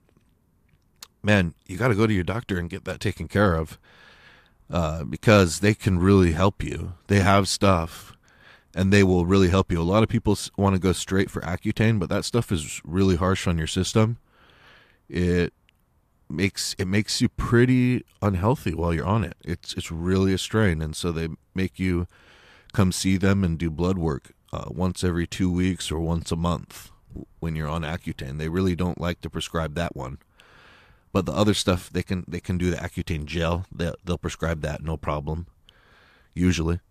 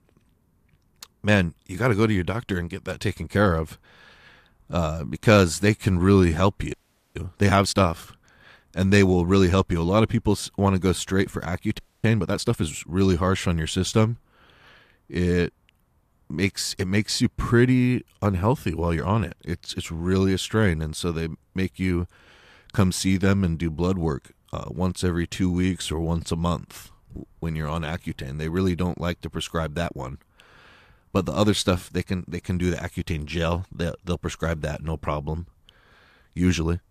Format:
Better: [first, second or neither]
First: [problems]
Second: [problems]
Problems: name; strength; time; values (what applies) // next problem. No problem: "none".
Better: first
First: none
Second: audio freezing; at 6.5 s and at 12 s